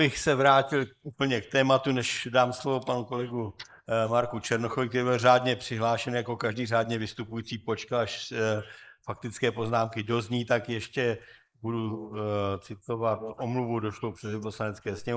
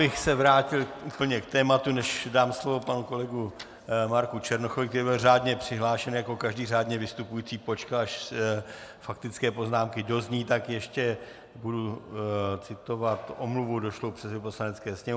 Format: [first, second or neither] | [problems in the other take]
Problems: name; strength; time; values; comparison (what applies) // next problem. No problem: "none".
second | noise reduction (neural mask model Resemble Enhance denoiser)